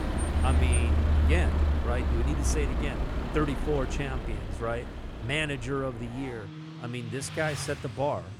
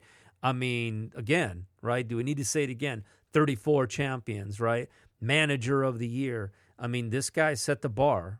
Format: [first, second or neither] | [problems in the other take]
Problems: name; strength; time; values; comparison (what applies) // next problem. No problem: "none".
second | traffic noise; very loud; throughout; 4 dB above the speech